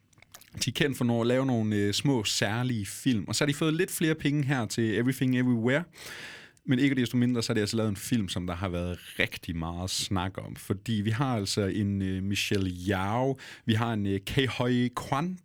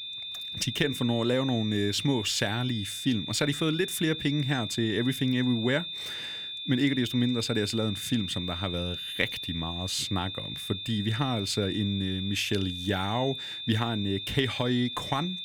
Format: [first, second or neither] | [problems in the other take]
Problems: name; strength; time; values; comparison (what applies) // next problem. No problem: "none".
first | high-pitched whine; loud; throughout; 3.5 kHz, 6 dB below the speech